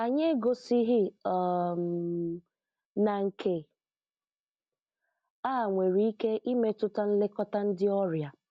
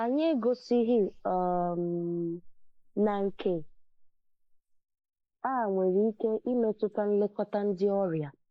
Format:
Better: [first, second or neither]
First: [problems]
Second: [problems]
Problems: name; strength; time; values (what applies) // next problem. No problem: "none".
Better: first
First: none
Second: noise reduction (neural mask model Resemble Enhance denoiser)